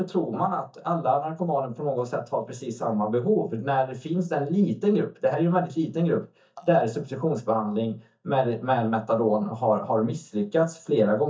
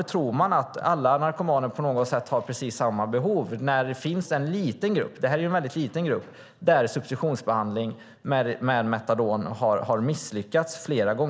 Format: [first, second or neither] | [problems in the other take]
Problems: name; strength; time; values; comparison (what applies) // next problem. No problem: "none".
second | noise reduction (neural mask model DeepFilterNet 3)